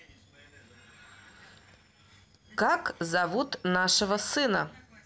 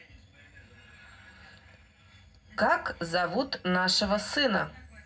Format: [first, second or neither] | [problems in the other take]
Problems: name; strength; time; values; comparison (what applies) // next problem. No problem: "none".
first | room echo; dies away in 0.4 s